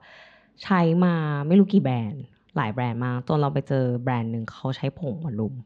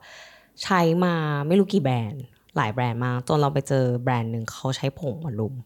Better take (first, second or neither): second